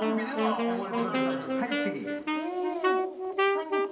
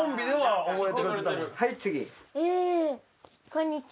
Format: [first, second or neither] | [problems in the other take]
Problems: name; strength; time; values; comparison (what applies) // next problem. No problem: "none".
second | background sound (Wind instrument, woodwind instrument); 5 dB above the speech // room echo; dies away in 2 s